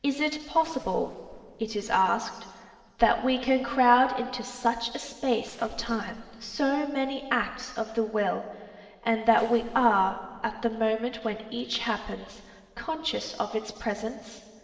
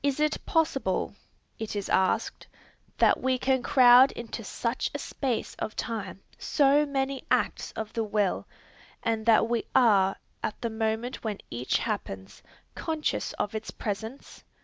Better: second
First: noise reduction (neural separator model SepFormer DNS4)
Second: none

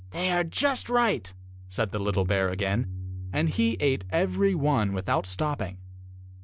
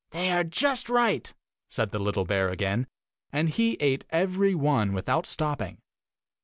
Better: second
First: background sound (Bass guitar); 9 dB below the speech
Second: none

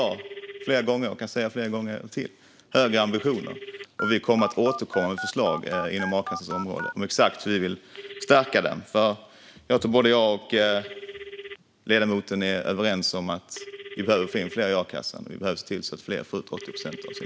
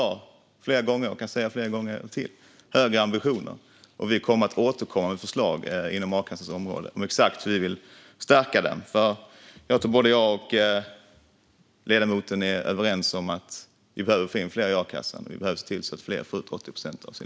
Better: second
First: background sound (Telephone); 14 dB below the speech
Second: none

